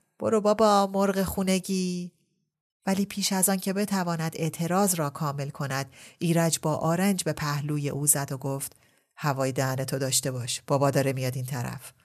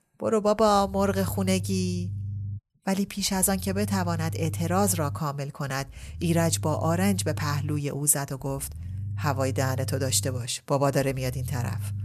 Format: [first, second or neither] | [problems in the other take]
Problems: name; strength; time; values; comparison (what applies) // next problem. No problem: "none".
first | low rumble; faint; throughout; 20 dB below the speech